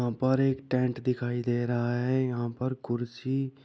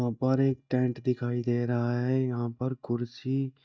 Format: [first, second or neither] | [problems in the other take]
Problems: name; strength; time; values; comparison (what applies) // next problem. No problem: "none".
first | noise reduction (neural mask model DeepFilterNet 3)